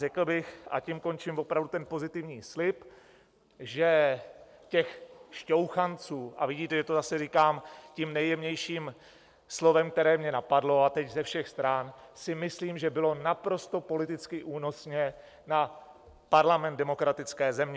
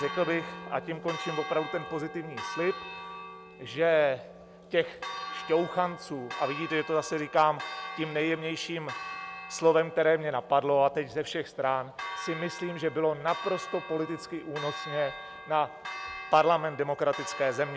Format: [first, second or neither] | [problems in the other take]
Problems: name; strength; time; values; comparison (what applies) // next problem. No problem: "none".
first | background sound (Church bell); 11 dB below the speech